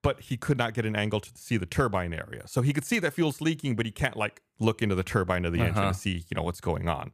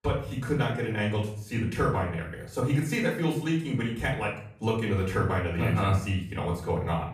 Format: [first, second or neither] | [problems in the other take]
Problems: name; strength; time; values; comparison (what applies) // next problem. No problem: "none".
first | off-mic speech; far // room echo; slight; dies away in 0.5 s